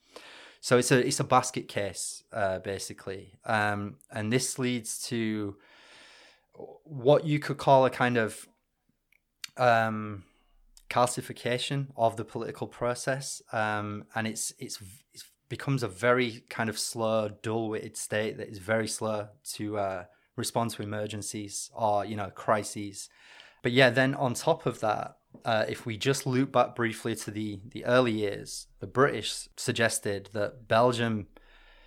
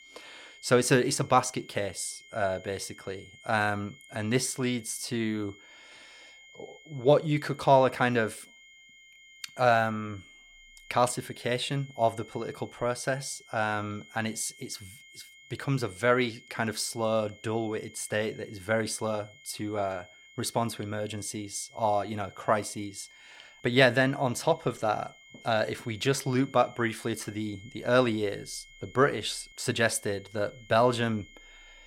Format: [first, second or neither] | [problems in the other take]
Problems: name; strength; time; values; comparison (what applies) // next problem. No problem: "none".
first | high-pitched whine; faint; throughout; 2 kHz, 25 dB below the speech